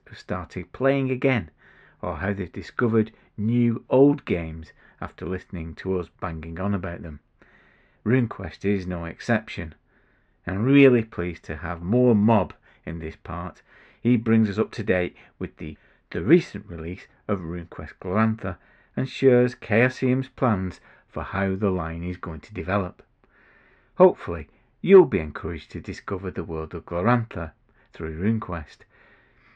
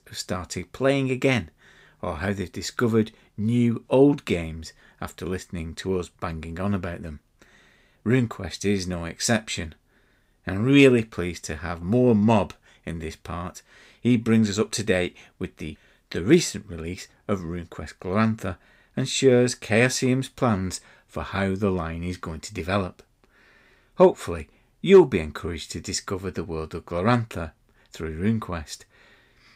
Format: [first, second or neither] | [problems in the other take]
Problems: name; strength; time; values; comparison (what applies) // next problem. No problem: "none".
second | muffled; very; fading above 2 kHz